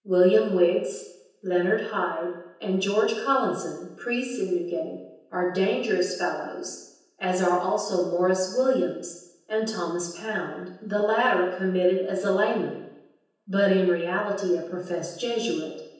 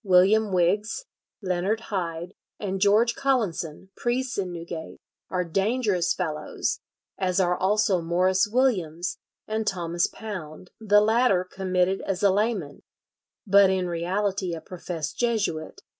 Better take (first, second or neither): second